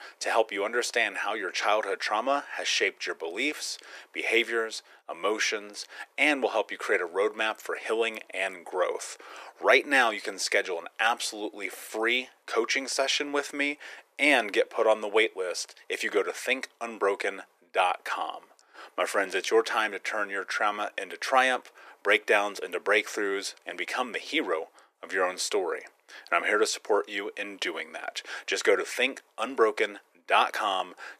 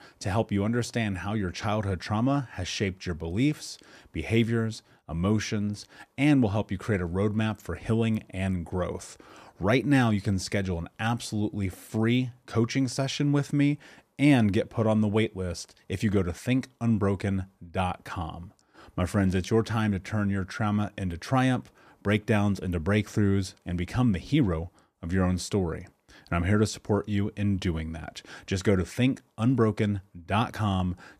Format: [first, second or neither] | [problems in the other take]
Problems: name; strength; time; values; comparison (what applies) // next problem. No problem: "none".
second | thin; very; fading below 400 Hz